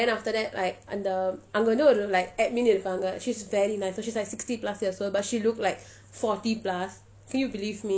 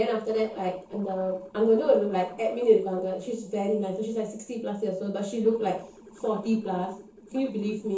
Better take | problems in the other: first | noise reduction (neural separator model SepFormer DNS4)

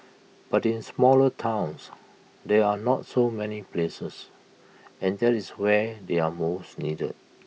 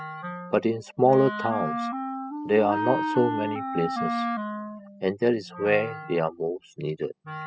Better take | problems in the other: first | noise reduction (classical method spectral subtraction)

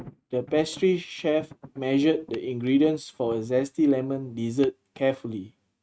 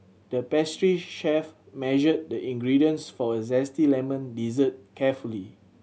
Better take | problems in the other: second | noise reduction (neural mask model RNNoise)

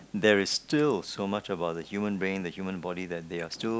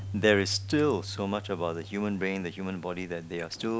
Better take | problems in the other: first | background sound (Keyboard (musical)); 12 dB below the speech

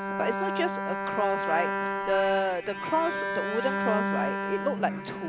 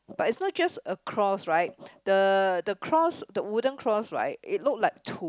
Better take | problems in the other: second | background sound (Bowed string instrument); 1 dB below the speech

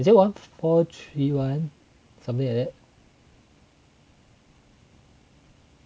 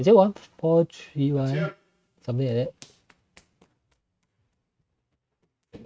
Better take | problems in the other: first | noise reduction (neural mask model RNNoise)

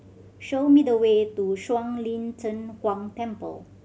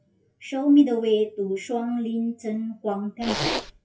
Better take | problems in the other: first | noise reduction (classical method WPE with log-MMSE)

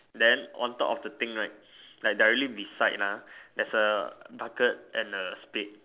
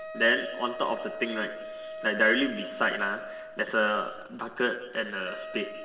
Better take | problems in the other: first | background sound (Wind instrument, woodwind instrument); 12 dB below the speech // room echo; dies away in 1.3 s

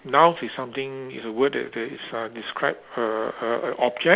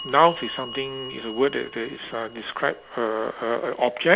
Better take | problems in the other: first | background sound (Bell); 17 dB below the speech

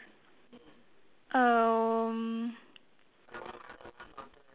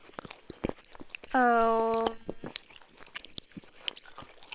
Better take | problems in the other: first | noise reduction (neural separator model SepFormer WHAM!)

